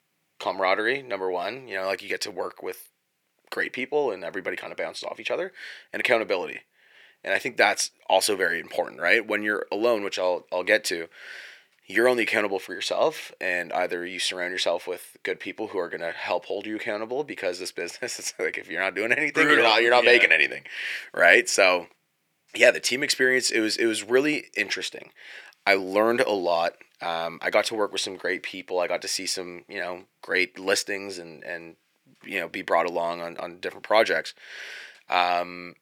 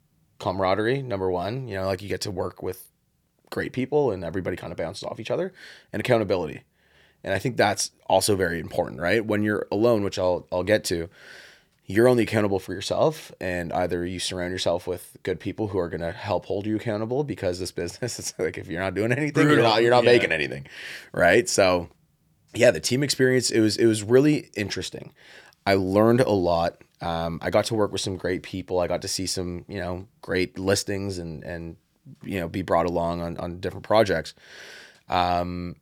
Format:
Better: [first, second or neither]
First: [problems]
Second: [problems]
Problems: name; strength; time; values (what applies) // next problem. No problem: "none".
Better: second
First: thin; somewhat; fading below 350 Hz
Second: none